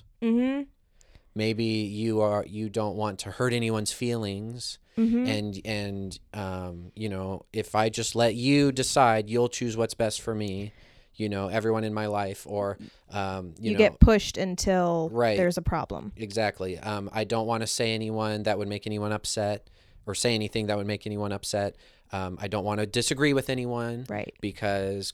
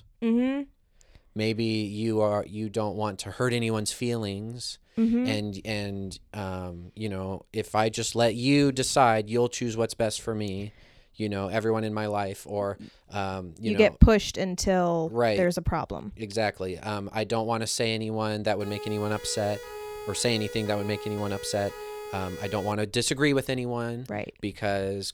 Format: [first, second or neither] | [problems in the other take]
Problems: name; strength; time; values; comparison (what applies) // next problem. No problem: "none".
first | siren; faint; from 19 to 23 s; peak 10 dB below the speech